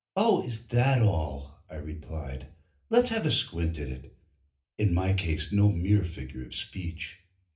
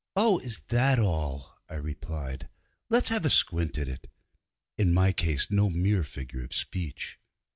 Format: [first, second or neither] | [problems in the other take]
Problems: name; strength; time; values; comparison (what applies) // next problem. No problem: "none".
second | room echo; dies away in 0.3 s